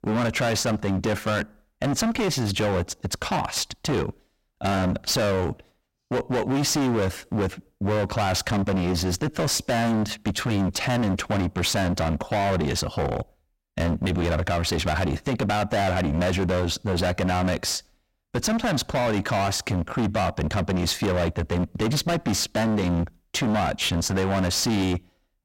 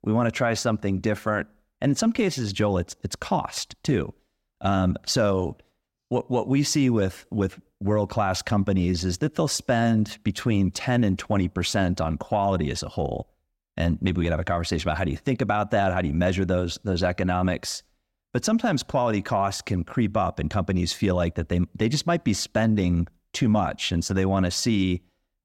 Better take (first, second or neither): second